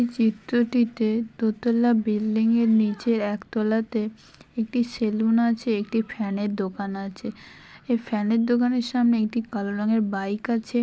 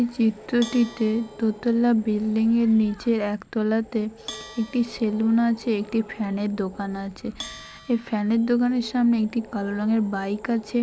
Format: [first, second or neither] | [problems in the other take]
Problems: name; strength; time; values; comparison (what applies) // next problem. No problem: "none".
first | background sound (Animal + Bell); 20 dB below the speech